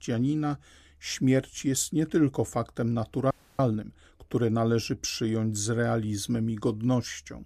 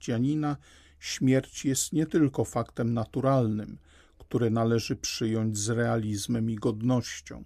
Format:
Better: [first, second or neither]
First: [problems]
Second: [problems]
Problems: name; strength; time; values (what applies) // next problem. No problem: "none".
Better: second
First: audio freezing; at 3.5 s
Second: none